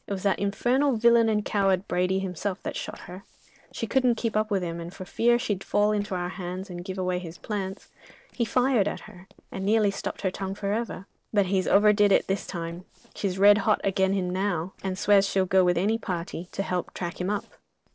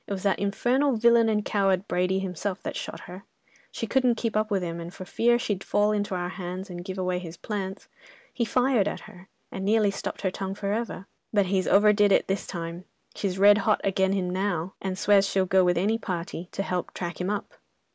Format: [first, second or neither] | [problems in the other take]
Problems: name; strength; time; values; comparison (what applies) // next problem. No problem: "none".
second | noise reduction (neural separator model SepFormer DNS4)